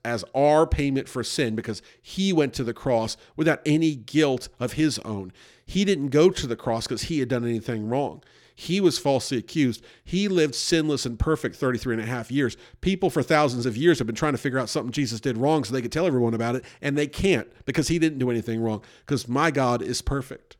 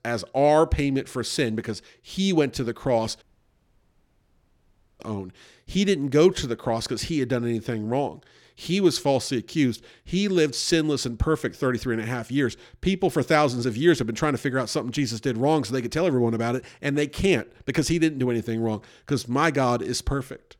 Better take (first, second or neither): first